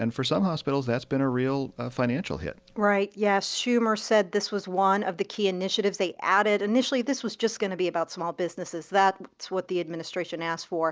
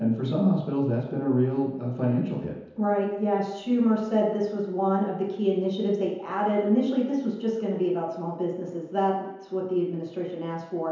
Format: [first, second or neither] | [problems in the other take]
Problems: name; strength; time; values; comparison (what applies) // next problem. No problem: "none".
first | room echo; dies away in 1 s